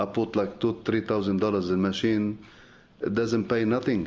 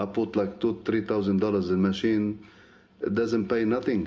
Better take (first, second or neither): first